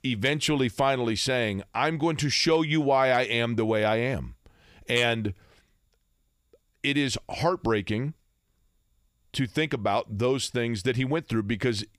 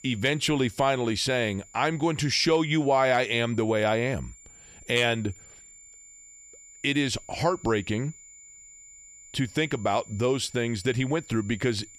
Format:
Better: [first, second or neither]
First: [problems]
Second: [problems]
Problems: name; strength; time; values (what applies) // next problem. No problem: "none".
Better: first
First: none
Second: high-pitched whine; faint; throughout; 7 kHz, 20 dB below the speech